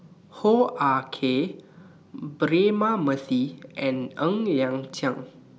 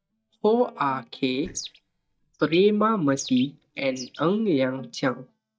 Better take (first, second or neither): first